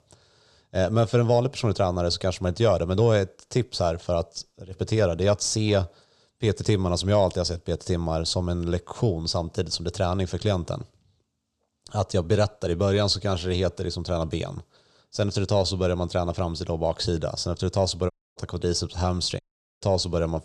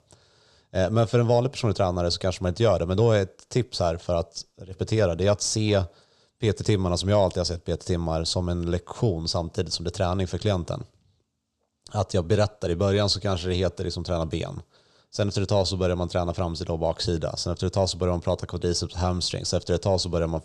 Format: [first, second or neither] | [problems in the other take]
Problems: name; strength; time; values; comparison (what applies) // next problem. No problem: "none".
second | audio cutting out; at 18 s and at 19 s